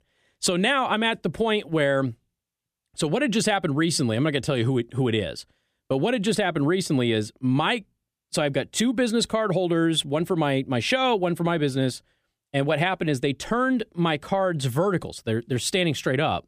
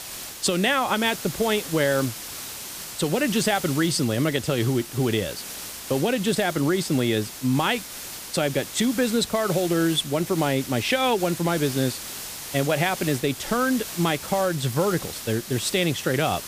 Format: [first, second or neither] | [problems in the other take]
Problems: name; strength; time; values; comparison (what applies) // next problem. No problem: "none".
first | hiss; loud; throughout; 10 dB below the speech